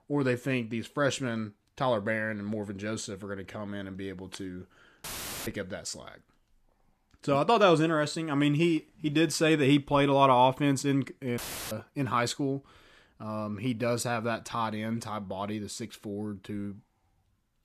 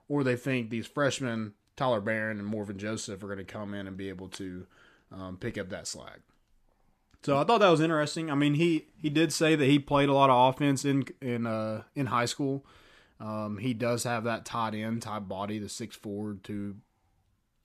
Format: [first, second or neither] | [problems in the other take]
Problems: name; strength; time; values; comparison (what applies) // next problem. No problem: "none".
second | audio cutting out; filled with static; at 5 s and at 11 s